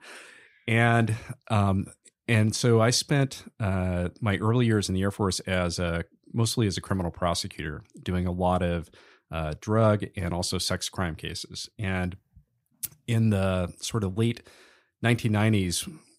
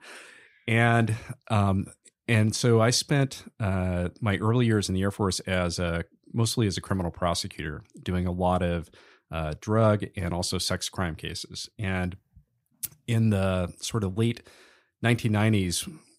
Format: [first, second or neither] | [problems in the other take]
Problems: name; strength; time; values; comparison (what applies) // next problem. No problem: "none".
neither | none